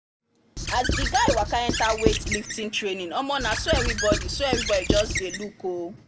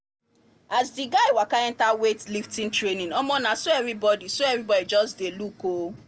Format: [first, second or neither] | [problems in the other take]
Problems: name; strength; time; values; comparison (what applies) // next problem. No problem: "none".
second | background sound (Squeak / Writing); 1 dB below the speech